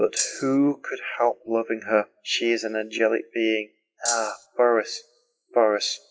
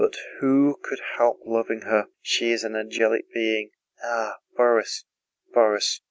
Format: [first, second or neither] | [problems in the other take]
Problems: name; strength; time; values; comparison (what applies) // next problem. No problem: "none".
second | noise reduction (classical method WPE with log-MMSE)